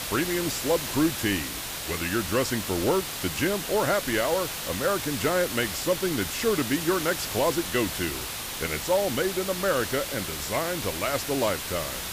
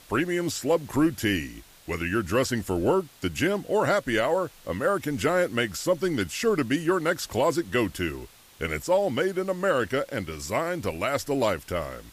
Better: second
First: hiss; loud; throughout; 4 dB below the speech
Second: hiss; faint; throughout; 25 dB below the speech

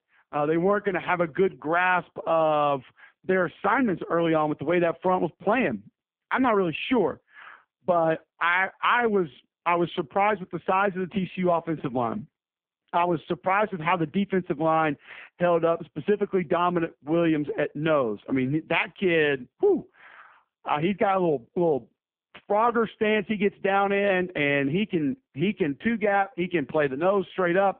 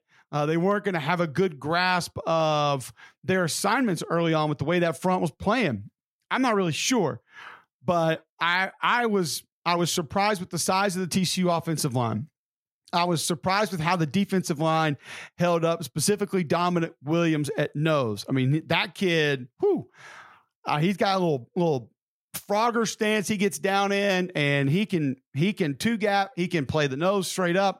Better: second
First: phone-call audio; poor line; nothing above 3.5 kHz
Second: none

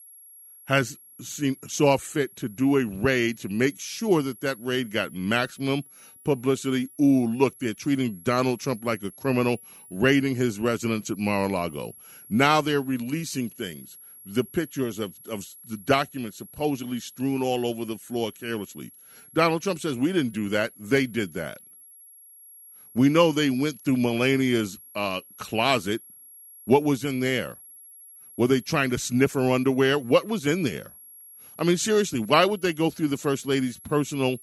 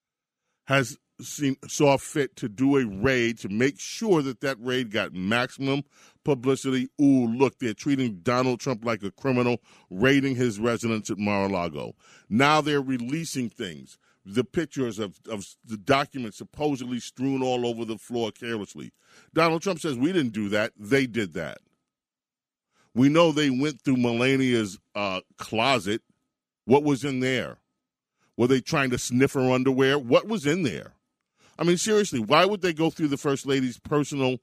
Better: second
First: high-pitched whine; faint; throughout; 11.5 kHz, 20 dB below the speech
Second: none

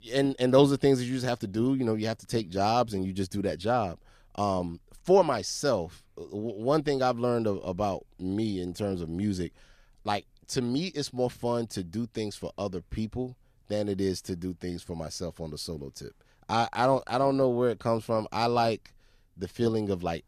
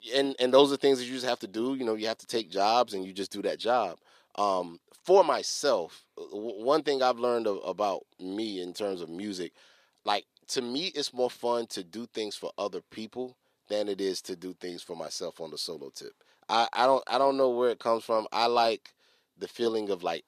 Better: first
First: none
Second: thin; somewhat; fading below 400 Hz

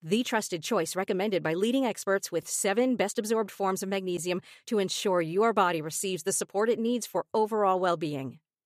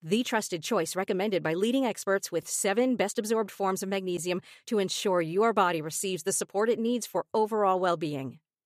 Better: neither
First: none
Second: none

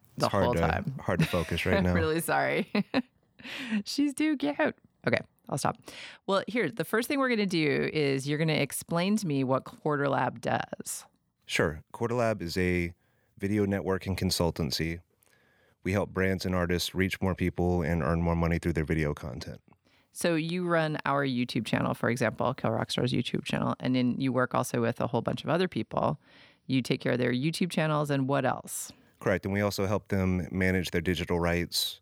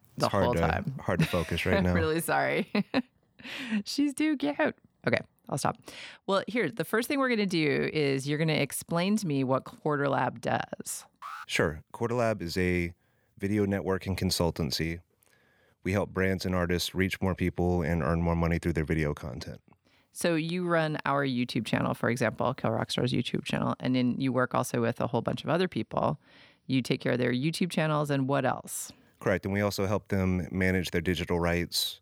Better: first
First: none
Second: alarm; faint; at 11 s; peak 15 dB below the speech

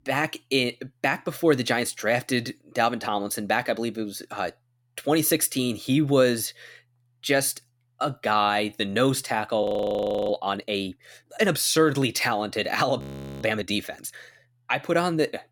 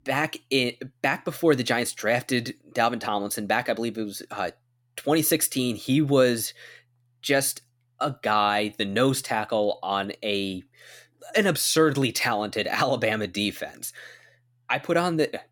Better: second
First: audio freezing; at 9.5 s for 0.5 s and at 13 s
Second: none

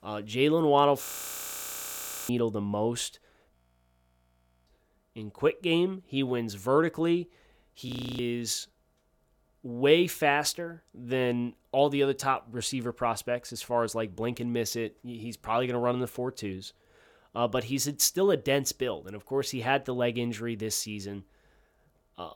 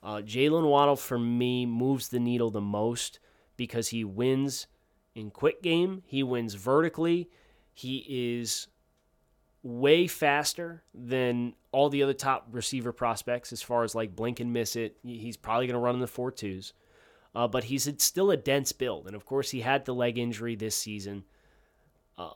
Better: second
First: audio freezing; at 1 s for 1 s, at 3.5 s for 1 s and at 8 s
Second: none

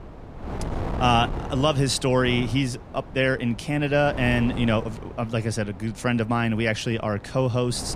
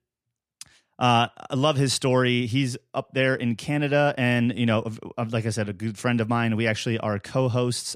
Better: second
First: wind noise on the microphone; occasional gusts; 15 dB below the speech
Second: none

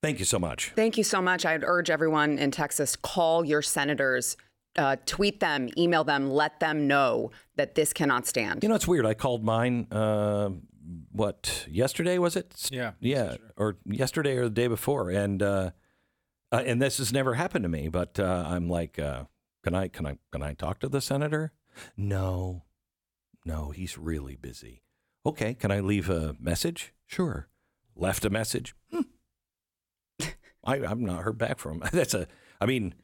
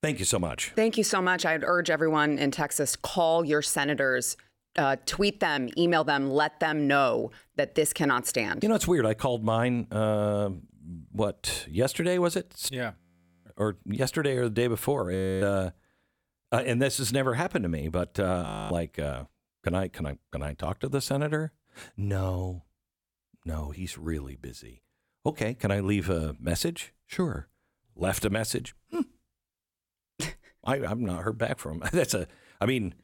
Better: first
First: none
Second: audio freezing; at 13 s, at 15 s and at 18 s

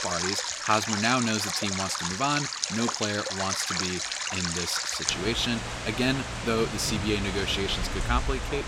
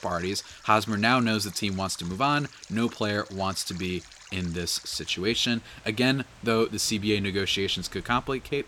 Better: second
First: rain or running water; loud; throughout; 1 dB below the speech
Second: rain or running water; faint; throughout; 20 dB below the speech

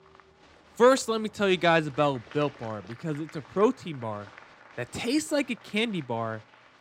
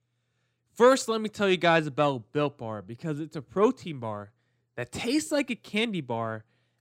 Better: second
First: crowd noise; faint; throughout; 25 dB below the speech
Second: none

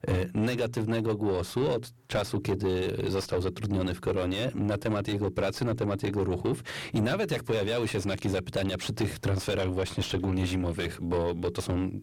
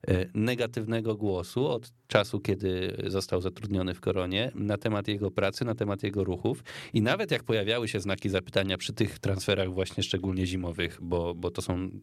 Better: second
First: distortion; heavy; 7 dB below the speech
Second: none

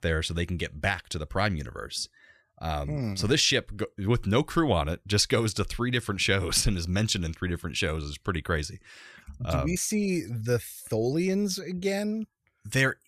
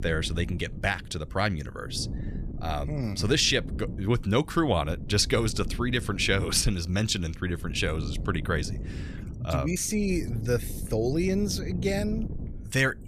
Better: first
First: none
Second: wind noise on the microphone; occasional gusts; 20 dB below the speech

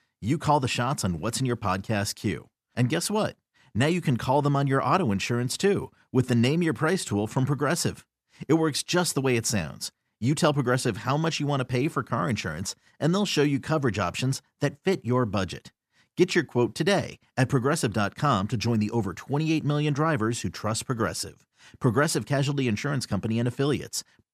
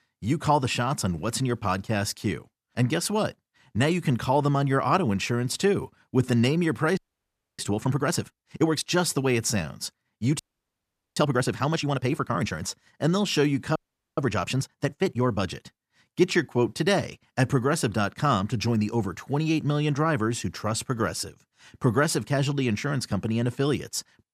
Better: first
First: none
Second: audio freezing; at 7 s for 0.5 s, at 10 s for 1 s and at 14 s

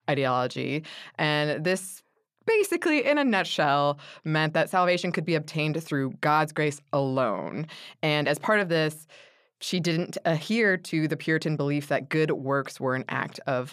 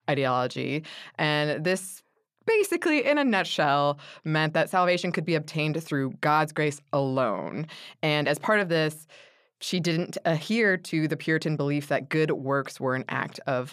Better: neither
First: none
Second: none

